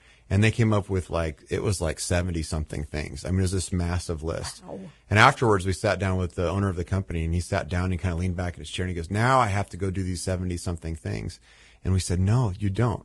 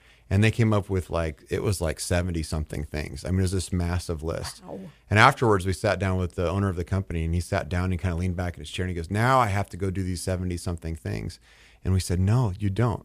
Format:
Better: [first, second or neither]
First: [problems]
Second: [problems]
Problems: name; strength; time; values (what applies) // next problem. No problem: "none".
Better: second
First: garbled, watery; badly; nothing above 10.5 kHz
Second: none